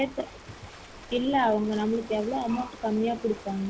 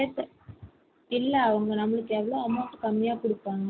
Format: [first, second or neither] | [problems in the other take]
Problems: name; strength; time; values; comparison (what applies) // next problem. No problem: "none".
second | background sound (Ocean); 17 dB below the speech